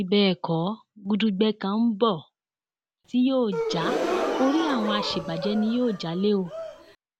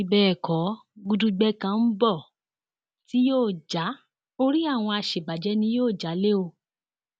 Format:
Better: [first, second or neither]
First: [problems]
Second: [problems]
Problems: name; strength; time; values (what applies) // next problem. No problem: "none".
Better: second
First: background sound (Gasp); 5 dB below the speech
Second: none